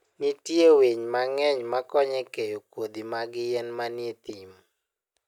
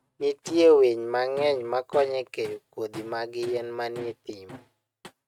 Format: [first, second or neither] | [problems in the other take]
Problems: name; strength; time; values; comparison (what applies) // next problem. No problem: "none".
first | noise reduction (neural mask model RNNoise)